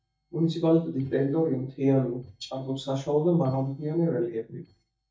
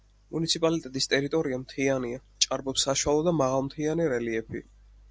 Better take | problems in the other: second | noise reduction (neural mask model DeepFilterNet 3)

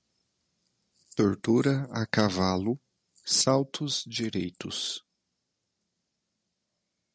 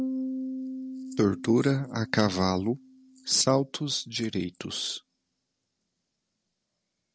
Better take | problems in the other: first | background sound (Piano); 10 dB below the speech

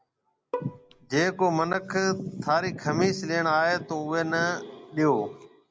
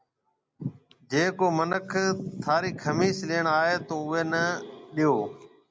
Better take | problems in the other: second | background sound (Bowed string instrument); 13 dB below the speech

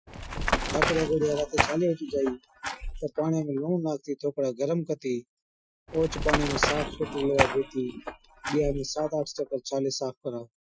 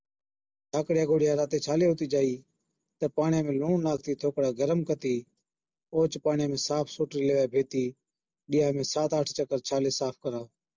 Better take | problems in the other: second | noise reduction (classical method Wiener filter)

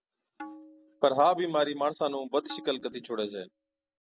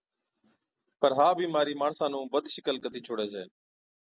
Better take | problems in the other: second | background sound (Tabla); 19 dB below the speech

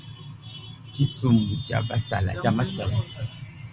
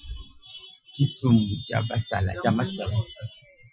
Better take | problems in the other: first | noise reduction (classical method Wiener filter)

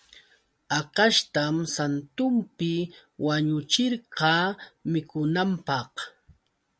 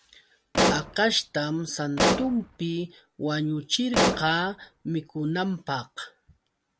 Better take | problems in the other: first | background sound (Explosion); 1 dB above the speech

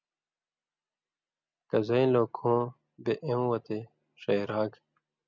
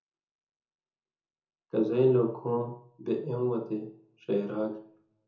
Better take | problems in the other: first | room echo; dies away in 0.6 s

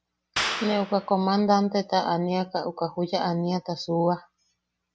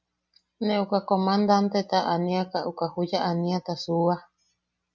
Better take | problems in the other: second | background sound (Clapping); 10 dB below the speech

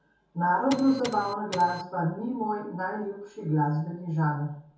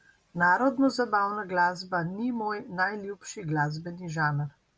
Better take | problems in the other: second | background sound (Printer); 11 dB below the speech // room echo; dies away in 0.6 s

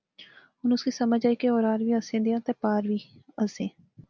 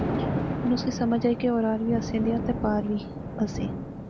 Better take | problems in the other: first | background sound (Thunder); 3 dB below the speech

